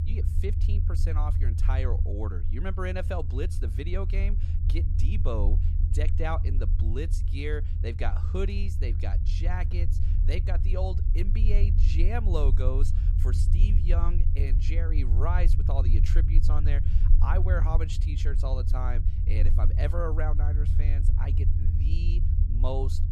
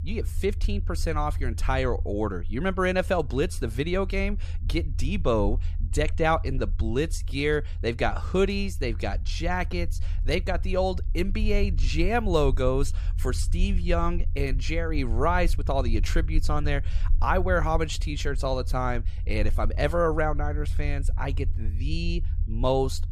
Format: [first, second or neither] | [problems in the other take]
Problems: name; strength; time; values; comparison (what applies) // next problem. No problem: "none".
second | low rumble; loud; throughout; 7 dB below the speech; faint in the second